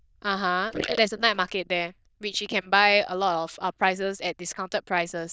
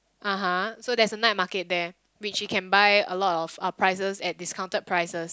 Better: second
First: noise reduction (neural diffusion model UNIVERSE++)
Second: none

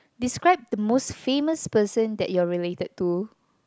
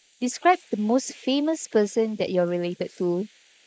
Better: first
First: none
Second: noise reduction (neural mask model Resemble Enhance denoiser)

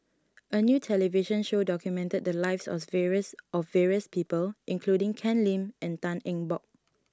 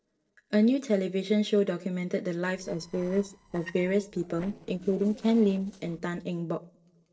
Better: first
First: none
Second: noise reduction (neural separator model SepFormer DNS4)

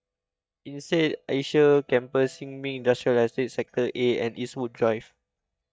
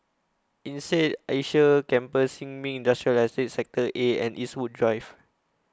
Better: second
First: noise reduction (neural mask model DeepFilterNet 3)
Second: none

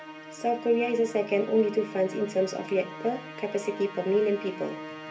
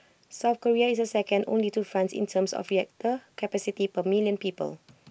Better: second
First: background sound (Musical instrument); 13 dB below the speech // room echo; dies away in 0.3 s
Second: none

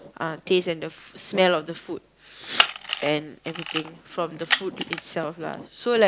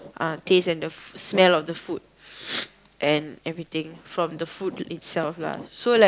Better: second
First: background sound (Camera); 2 dB below the speech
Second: none

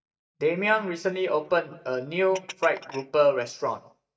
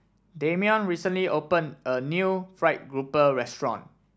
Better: second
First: noise reduction (neural mask model DeepFilterNet 3)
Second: none

